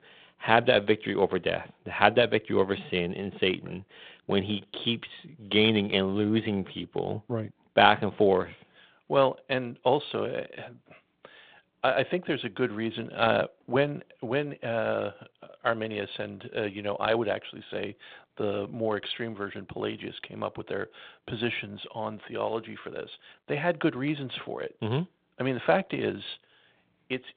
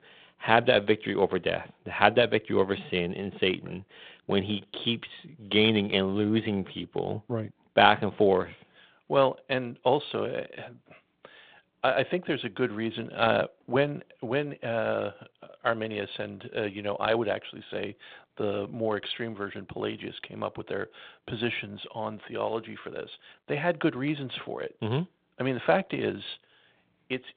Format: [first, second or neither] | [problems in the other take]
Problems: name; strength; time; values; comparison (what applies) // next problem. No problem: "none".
neither | phone-call audio; the same in both